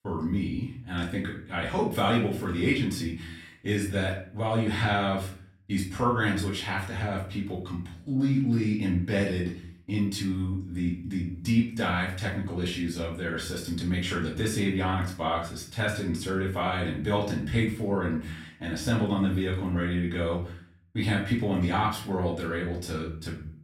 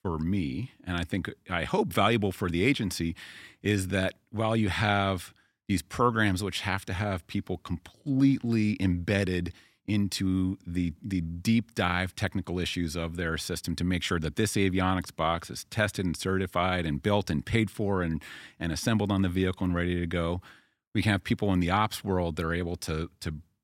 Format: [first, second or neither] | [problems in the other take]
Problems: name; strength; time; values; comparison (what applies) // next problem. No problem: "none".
second | off-mic speech; far // room echo; slight; dies away in 0.4 s